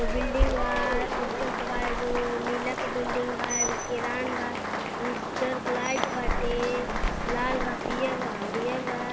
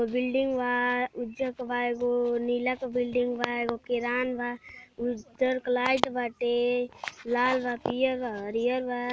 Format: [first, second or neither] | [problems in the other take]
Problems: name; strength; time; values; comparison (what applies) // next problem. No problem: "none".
second | background sound (Rain + Applause); 2 dB above the speech